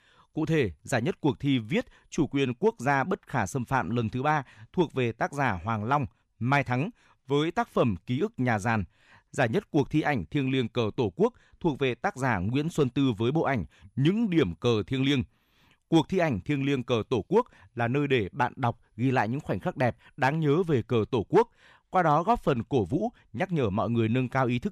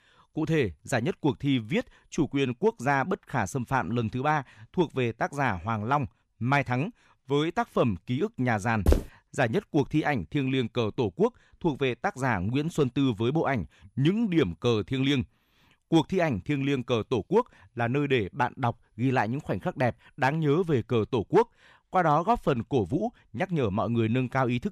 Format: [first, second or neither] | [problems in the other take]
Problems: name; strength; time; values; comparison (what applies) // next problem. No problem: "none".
first | footsteps; loud; at 9 s; peak 1 dB above the speech